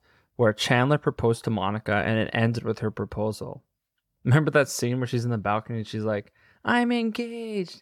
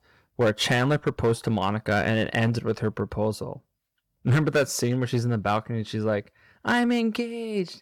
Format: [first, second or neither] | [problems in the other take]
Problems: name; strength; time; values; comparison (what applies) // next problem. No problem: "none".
first | distortion; slight; 4% of the sound clipped